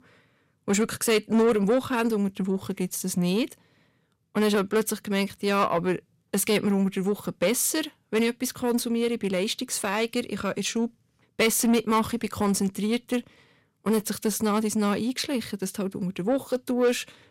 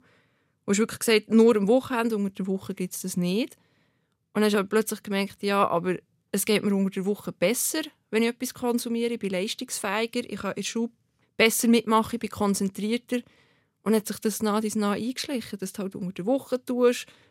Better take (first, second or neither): second